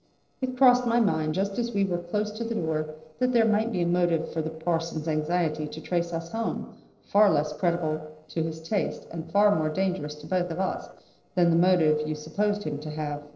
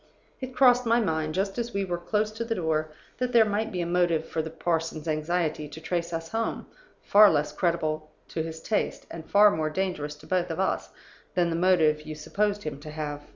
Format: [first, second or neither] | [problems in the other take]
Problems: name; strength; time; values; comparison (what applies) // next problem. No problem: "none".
second | noise reduction (neural separator model SepFormer DNS4)